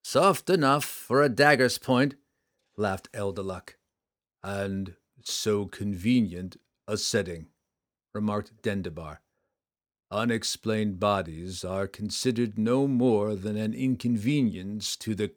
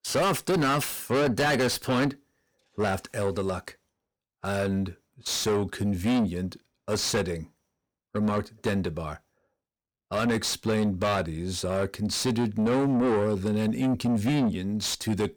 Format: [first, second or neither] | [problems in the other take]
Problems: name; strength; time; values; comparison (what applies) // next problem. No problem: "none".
first | distortion; heavy; 6 dB below the speech